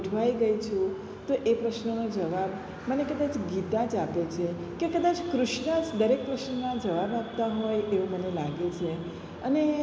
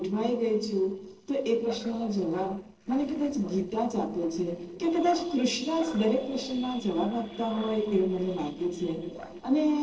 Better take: first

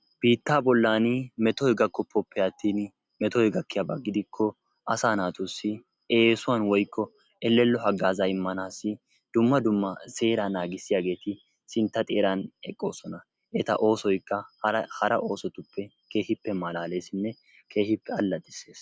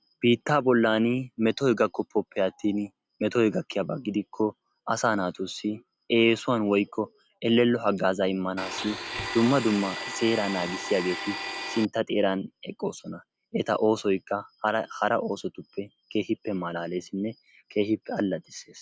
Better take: first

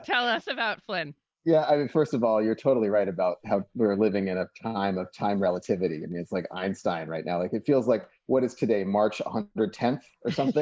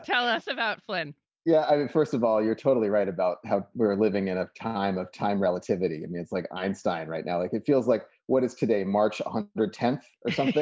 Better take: second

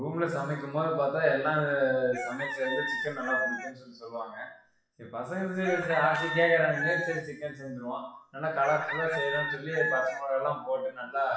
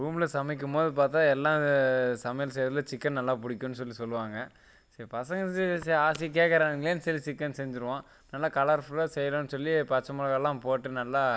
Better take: second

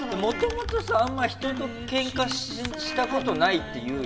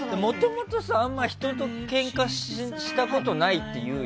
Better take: second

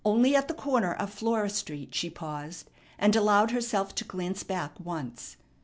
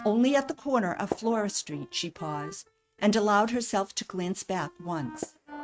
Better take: first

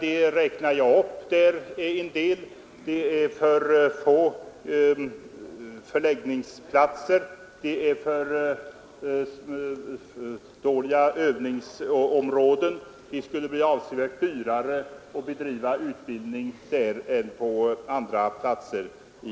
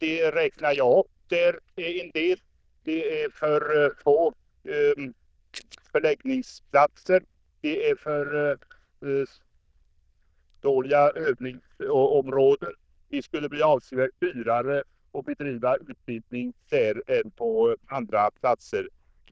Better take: first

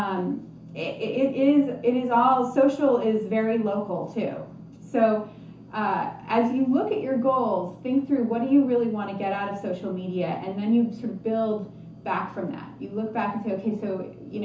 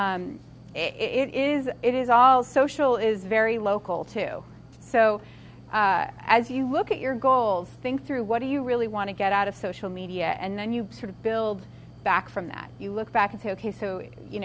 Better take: second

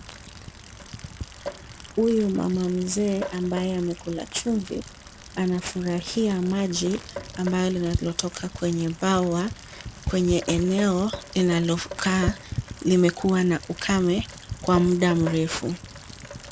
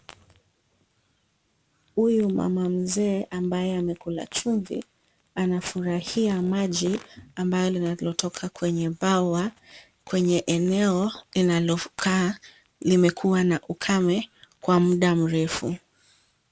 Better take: second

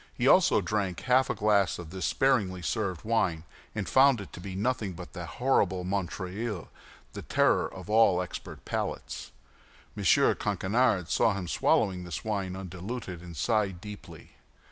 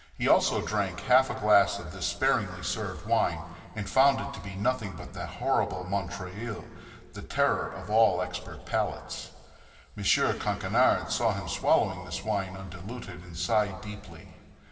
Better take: first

